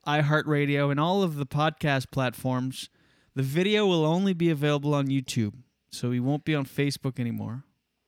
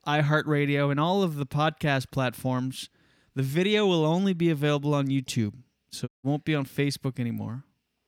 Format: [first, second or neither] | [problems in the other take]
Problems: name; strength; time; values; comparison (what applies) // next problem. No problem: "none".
first | audio cutting out; at 6 s